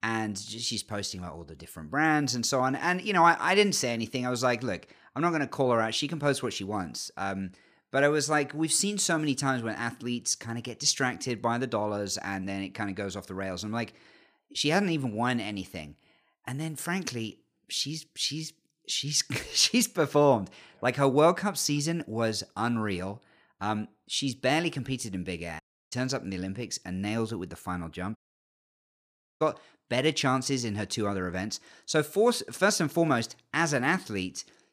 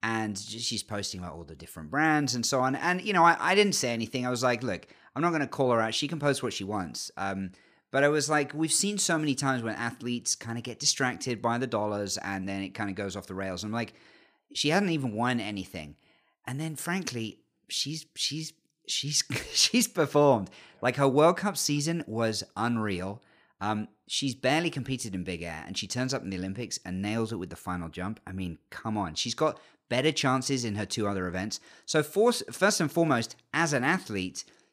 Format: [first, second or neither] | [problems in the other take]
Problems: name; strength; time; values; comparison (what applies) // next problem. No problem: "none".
second | audio cutting out; at 26 s and at 28 s for 1 s